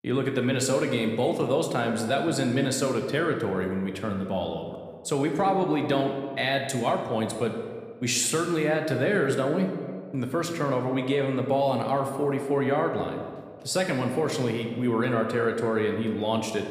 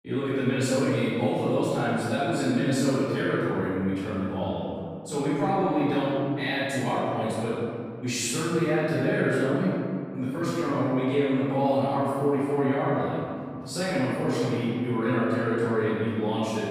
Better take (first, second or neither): first